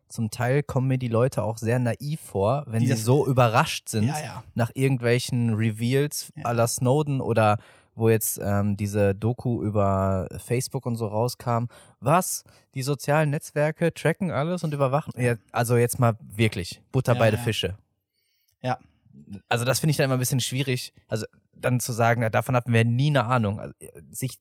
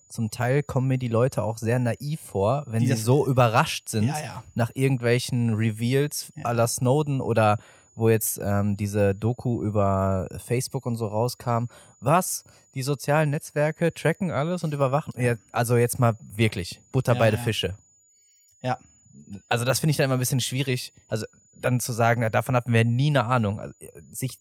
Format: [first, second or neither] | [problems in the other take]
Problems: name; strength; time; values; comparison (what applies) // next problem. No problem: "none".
first | high-pitched whine; faint; throughout; 7 kHz, 35 dB below the speech